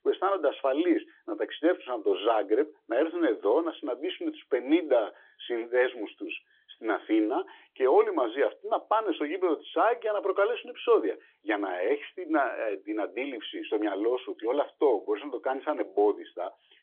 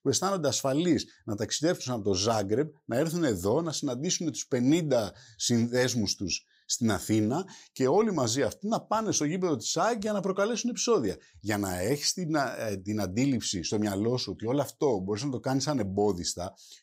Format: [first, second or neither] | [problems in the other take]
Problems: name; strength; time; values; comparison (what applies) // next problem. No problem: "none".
second | phone-call audio; nothing above 3.5 kHz